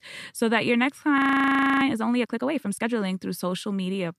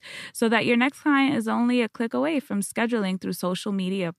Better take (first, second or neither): second